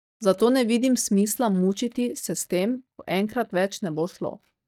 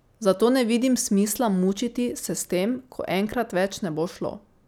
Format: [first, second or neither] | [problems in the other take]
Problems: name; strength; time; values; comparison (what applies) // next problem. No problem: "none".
second | noise reduction (neural mask model DeepFilterNet 3)